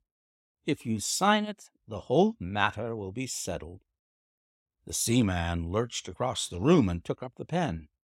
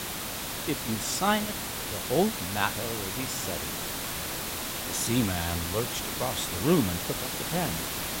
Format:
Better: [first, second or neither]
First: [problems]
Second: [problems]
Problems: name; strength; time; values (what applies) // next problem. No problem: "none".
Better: first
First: none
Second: hiss; loud; throughout; 1 dB below the speech